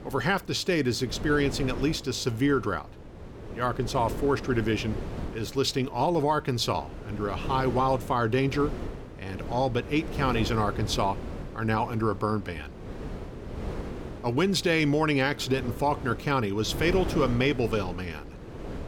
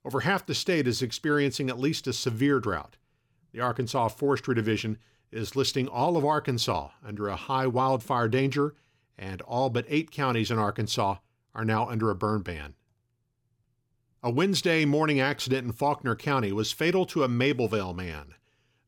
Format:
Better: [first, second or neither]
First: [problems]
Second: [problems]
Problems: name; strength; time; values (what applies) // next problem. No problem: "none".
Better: second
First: wind noise on the microphone; occasional gusts; 15 dB below the speech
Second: none